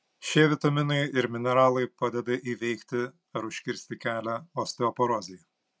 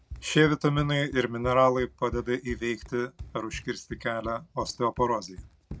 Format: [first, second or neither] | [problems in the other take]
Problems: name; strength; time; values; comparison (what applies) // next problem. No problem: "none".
first | background sound (Run); 16 dB below the speech